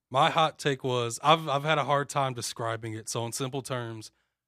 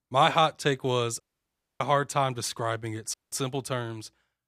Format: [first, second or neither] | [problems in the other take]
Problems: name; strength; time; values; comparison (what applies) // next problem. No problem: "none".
first | audio cutting out; at 1 s for 0.5 s and at 3 s